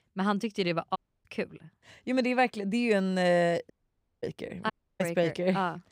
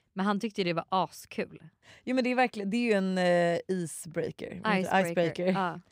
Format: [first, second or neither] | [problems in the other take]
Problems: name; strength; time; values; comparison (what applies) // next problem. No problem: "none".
second | audio cutting out; at 1 s, at 3.5 s for 0.5 s and at 4.5 s